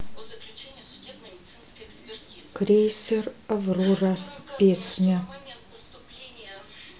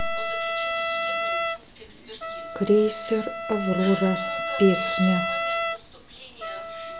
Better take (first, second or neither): first